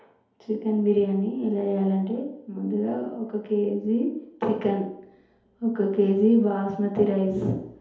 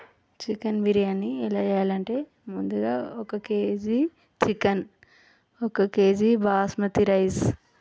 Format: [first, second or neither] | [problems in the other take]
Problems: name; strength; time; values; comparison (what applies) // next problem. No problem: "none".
second | room echo; dies away in 2.2 s